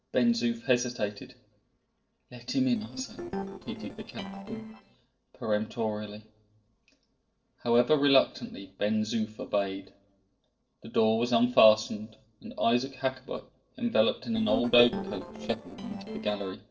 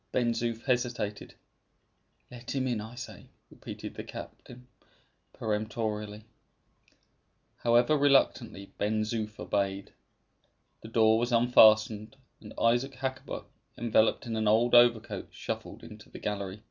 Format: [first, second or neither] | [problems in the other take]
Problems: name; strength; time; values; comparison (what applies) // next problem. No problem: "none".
second | noise reduction (neural separator model SepFormer DNS4)